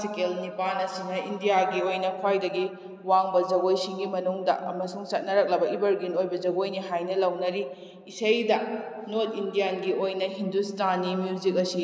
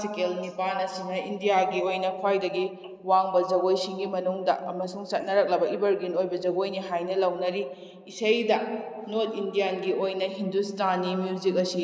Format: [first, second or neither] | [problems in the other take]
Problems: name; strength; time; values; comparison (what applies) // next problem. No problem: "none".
first | noise reduction (neural mask model Resemble Enhance denoiser)